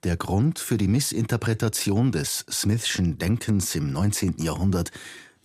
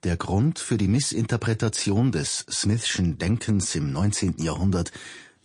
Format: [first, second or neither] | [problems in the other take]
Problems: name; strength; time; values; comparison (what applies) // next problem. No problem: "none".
first | garbled, watery; slightly; nothing above 9 kHz